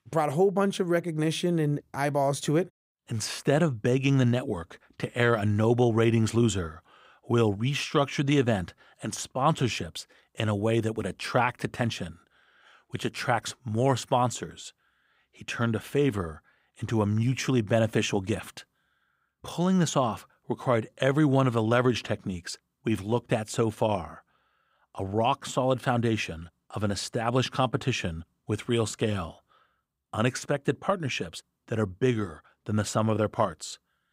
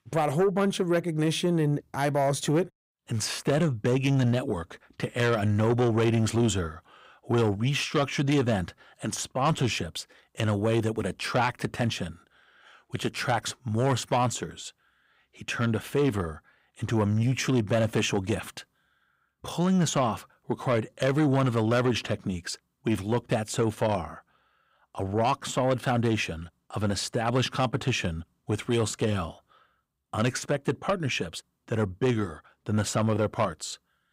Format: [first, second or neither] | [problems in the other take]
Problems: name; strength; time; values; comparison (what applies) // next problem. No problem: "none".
first | distortion; slight; 10 dB below the speech